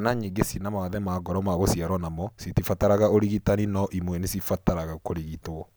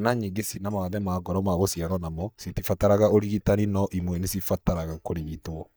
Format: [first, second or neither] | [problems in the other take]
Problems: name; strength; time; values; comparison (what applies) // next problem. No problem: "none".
first | noise reduction (neural mask model DeepFilterNet 3)